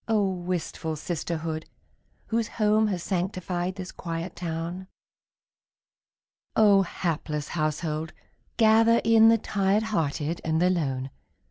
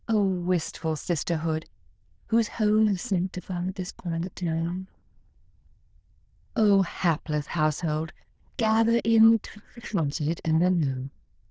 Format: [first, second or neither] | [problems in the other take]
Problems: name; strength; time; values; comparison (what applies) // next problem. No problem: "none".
first | noise reduction (neural diffusion model UNIVERSE++)